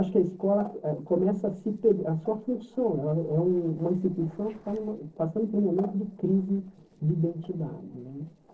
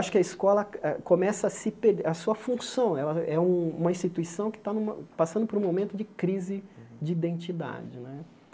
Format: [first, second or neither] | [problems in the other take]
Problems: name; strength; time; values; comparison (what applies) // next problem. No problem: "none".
second | noise reduction (neural separator model SepFormer DNS4)